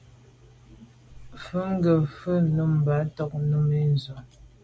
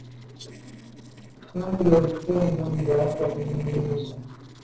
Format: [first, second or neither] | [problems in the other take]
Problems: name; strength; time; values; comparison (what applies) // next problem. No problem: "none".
first | noise reduction (neural separator model SepFormer DNS4)